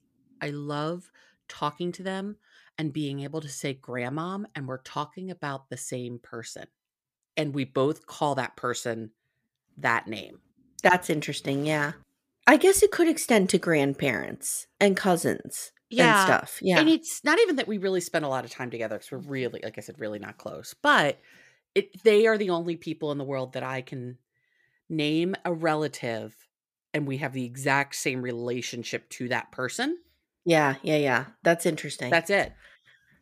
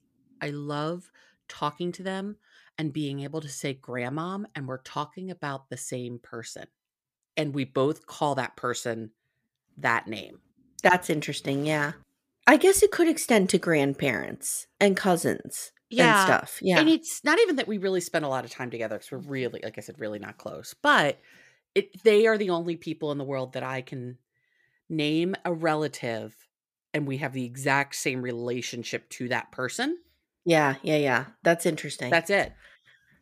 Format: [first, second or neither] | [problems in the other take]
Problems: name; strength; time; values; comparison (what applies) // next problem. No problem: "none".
neither | none